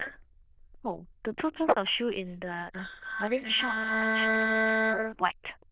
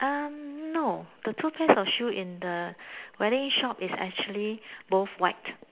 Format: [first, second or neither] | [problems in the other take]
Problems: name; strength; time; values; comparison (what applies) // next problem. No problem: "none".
second | noise reduction (neural diffusion model UNIVERSE++)